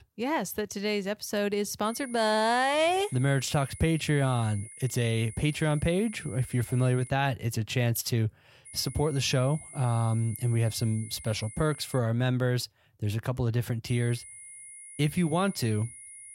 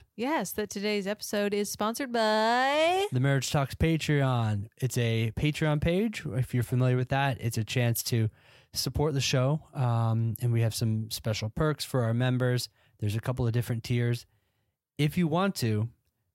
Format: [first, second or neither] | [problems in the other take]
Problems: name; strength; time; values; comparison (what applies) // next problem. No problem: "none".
second | high-pitched whine; noticeable; from 2 to 7 s, from 8.5 to 12 s and from 14 s on; 10.5 kHz, 15 dB below the speech